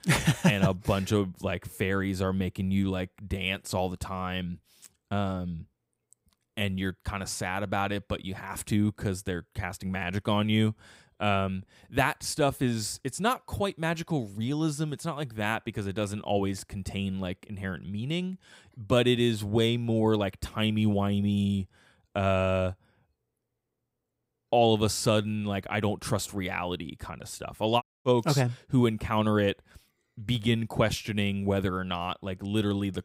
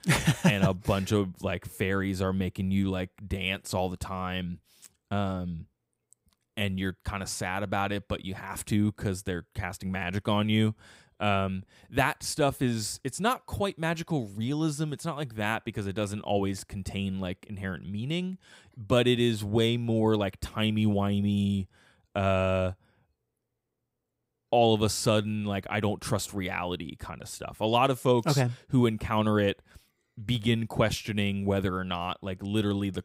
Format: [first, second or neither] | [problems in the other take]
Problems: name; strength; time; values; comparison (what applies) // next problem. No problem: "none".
second | audio cutting out; at 28 s